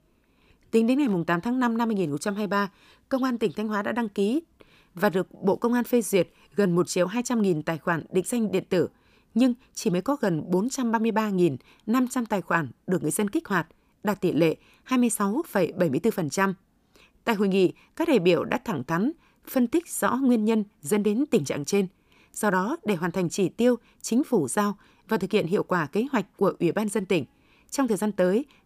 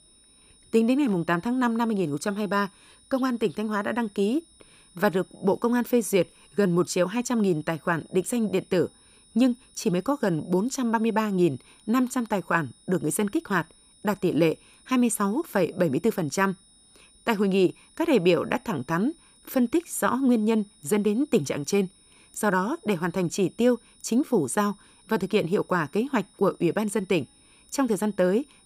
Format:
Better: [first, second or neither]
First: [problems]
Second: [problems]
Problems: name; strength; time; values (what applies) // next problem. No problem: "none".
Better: first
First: none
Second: high-pitched whine; faint; throughout; 9.5 kHz, 30 dB below the speech